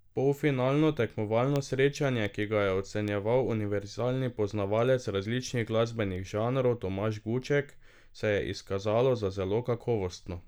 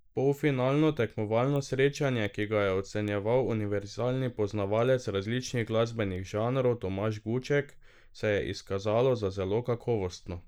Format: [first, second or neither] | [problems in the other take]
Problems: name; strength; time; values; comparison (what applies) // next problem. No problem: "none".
first | noise reduction (neural mask model Resemble Enhance denoiser)